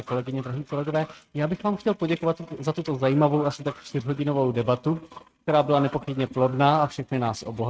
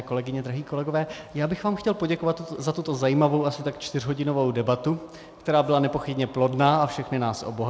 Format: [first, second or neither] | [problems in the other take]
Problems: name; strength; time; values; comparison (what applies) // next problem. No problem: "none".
second | noise reduction (neural mask model RNNoise)